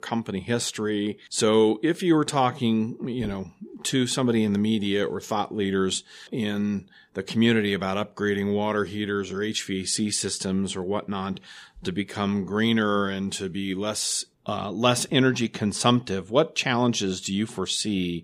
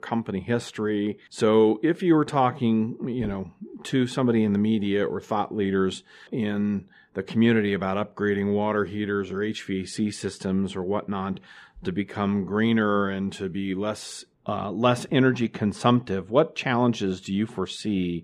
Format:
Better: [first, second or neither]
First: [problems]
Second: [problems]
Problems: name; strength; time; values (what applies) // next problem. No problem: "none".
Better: first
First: none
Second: muffled; slightly; fading above 3 kHz